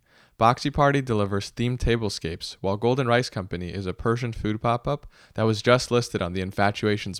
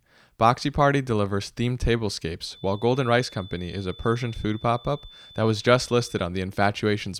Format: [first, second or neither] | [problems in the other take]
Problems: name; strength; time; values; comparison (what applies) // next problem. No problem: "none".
first | high-pitched whine; faint; from 2.5 to 6 s; 3.5 kHz, 20 dB below the speech